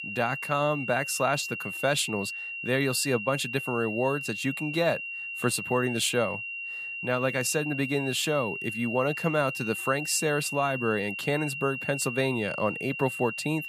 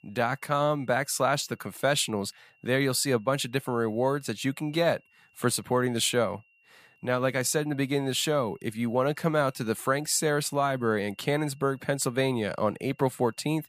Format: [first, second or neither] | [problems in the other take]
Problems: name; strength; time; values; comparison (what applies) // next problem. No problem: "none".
second | high-pitched whine; loud; throughout; 3 kHz, 5 dB below the speech; faint in the second